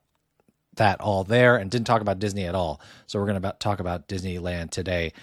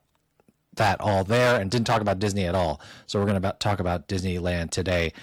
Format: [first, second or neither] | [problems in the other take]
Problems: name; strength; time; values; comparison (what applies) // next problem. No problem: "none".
first | distortion; heavy; 7% of the sound clipped